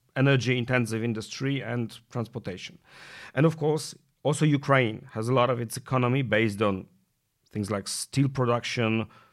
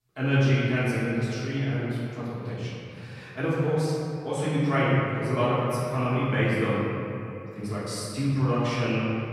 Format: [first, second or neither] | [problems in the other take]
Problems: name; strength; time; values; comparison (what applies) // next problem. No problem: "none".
first | off-mic speech; far // room echo; strong; dies away in 2.7 s